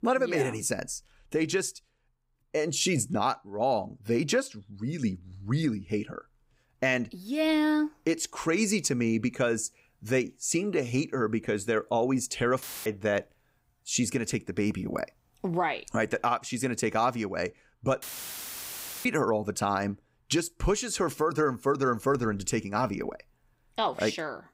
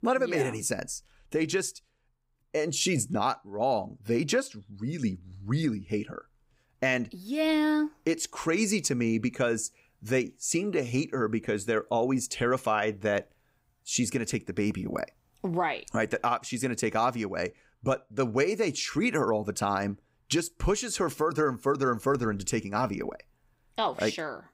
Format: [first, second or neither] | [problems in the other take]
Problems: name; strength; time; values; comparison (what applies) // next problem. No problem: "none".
second | audio cutting out; filled with static; at 13 s and at 18 s for 1 s